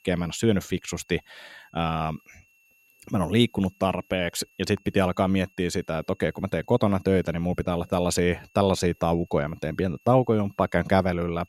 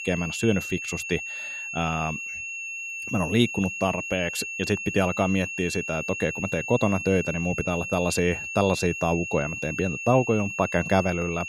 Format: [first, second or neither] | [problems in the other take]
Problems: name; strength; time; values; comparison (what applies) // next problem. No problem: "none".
first | high-pitched whine; loud; throughout; 2.5 kHz, 5 dB below the speech; faint in the first